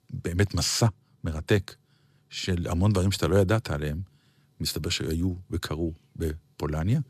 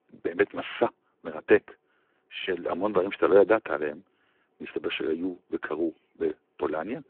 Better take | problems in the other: first | phone-call audio; poor line

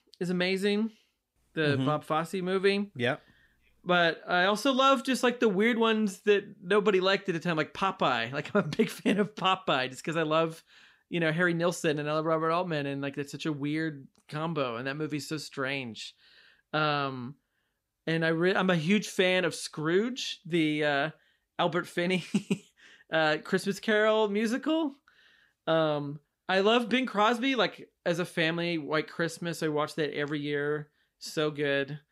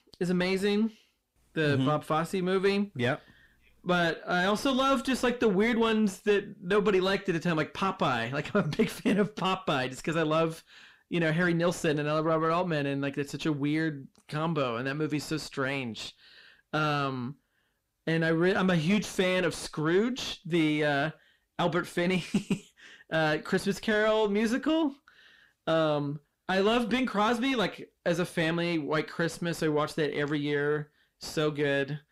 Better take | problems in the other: first | distortion; slight; 10 dB below the speech

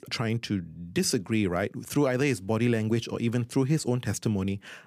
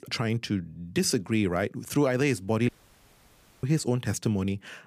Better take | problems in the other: first | audio cutting out; at 2.5 s for 1 s

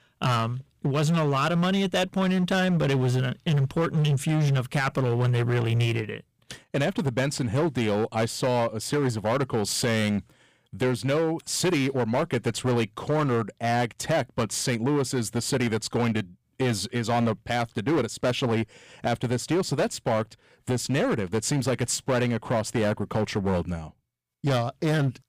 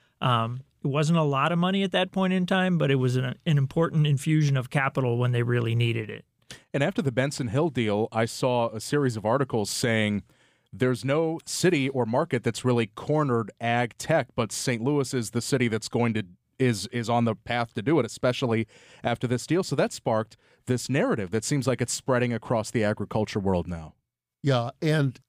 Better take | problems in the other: second | distortion; slight; 14% of the sound clipped

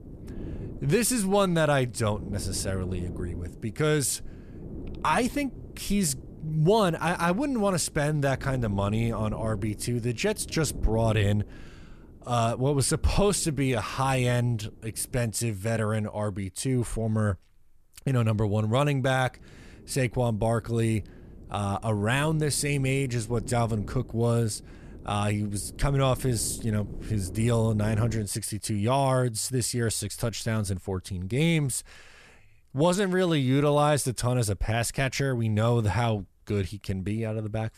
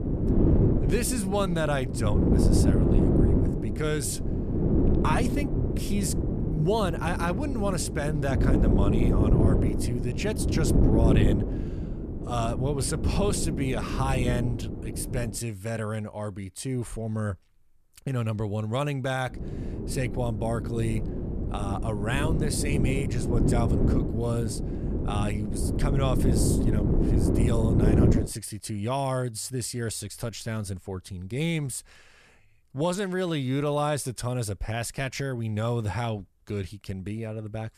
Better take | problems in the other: first | wind noise on the microphone; heavy; until 15 s and from 19 to 28 s; 1 dB below the speech; occasional gusts in the first

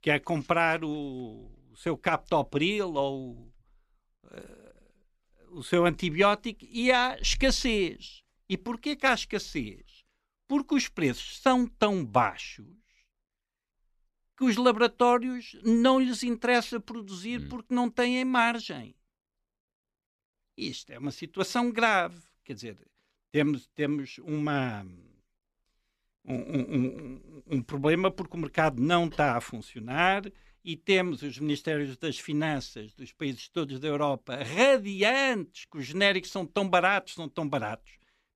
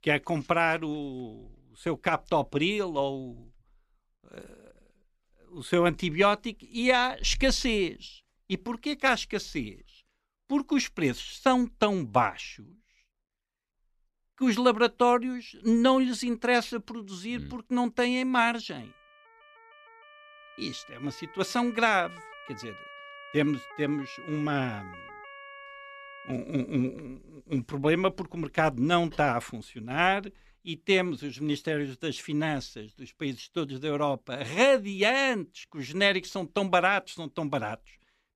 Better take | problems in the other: first | siren; faint; from 19 to 26 s; peak 15 dB below the speech

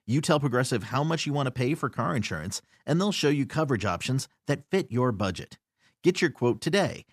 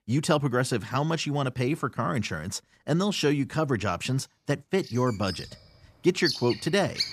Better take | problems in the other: first | animal sounds; loud; throughout; 8 dB below the speech

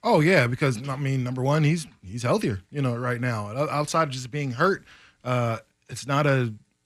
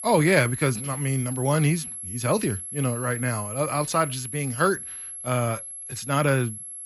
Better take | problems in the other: first | high-pitched whine; loud; throughout; 11 kHz, 8 dB below the speech

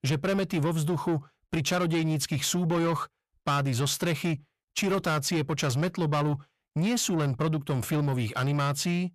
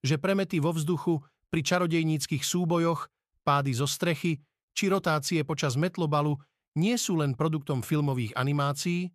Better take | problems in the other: second | distortion; slight; 10 dB below the speech

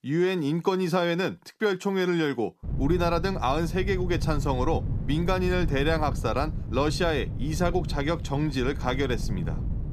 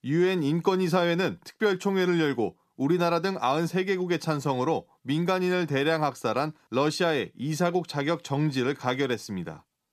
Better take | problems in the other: second | wind noise on the microphone; occasional gusts; from 2.5 s on; 15 dB below the speech

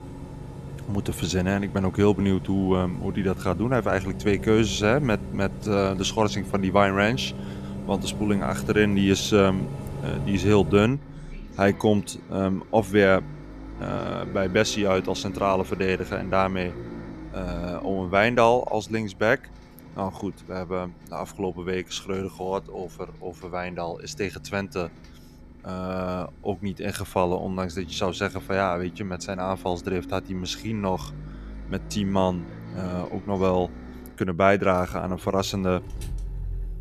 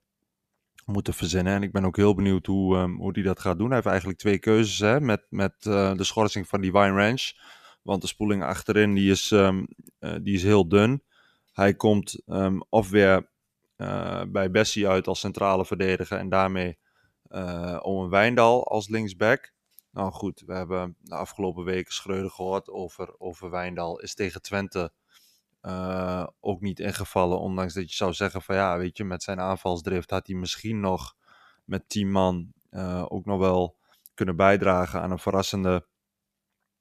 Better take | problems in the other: second | traffic noise; noticeable; throughout; 15 dB below the speech

